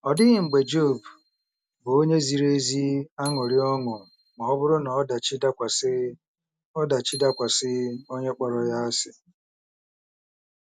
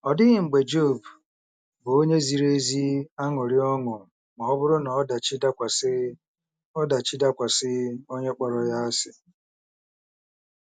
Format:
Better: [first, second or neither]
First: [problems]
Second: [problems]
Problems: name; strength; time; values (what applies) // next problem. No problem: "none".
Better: second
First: background sound (Bicycle bell); 19 dB below the speech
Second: none